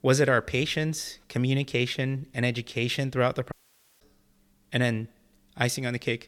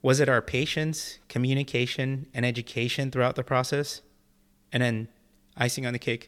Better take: second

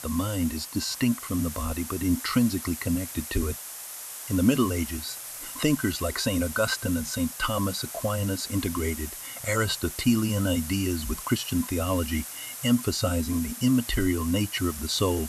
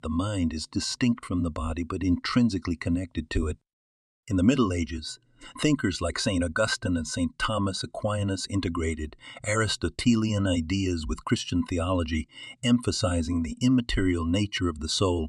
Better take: second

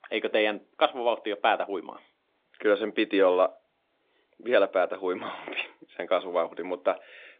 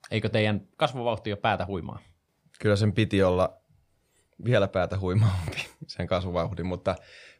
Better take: second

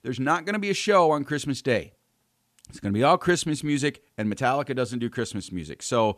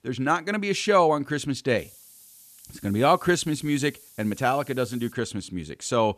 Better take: first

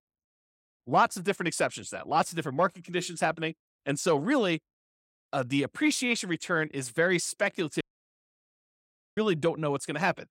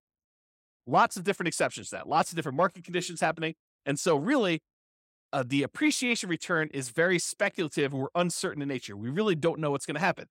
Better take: second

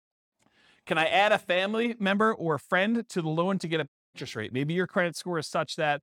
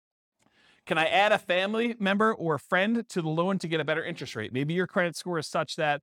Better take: second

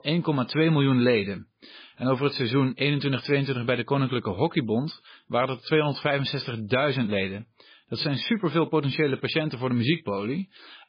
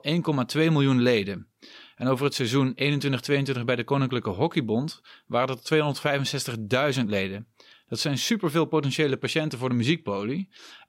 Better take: second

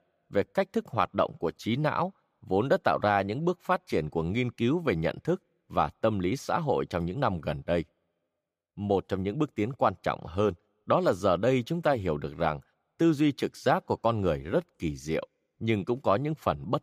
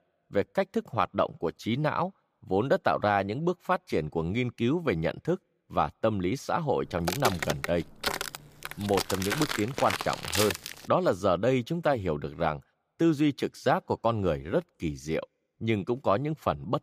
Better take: first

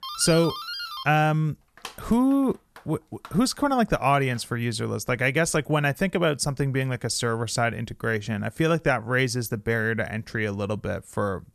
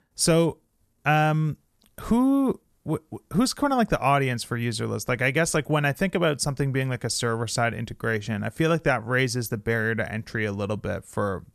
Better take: second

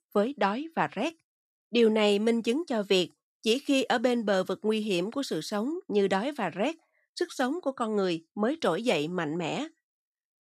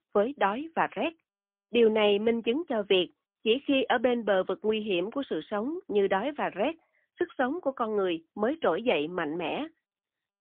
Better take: first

